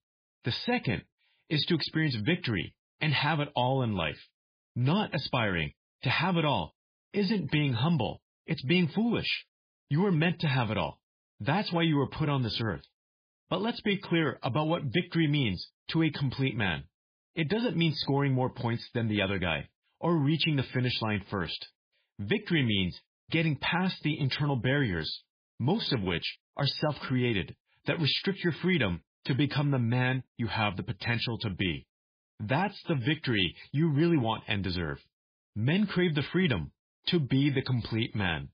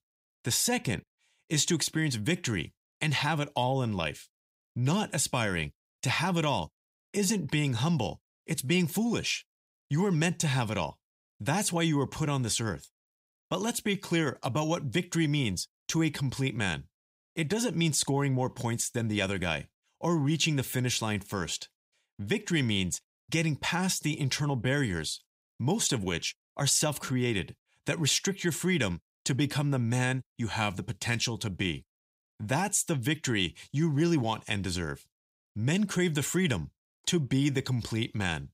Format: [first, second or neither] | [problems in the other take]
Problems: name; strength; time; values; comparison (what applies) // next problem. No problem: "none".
second | garbled, watery; badly